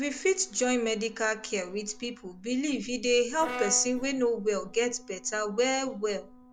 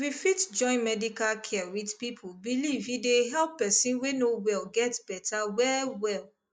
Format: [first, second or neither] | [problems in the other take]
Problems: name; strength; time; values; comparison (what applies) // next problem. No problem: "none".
second | background sound (Brass instrument + Cough); 15 dB below the speech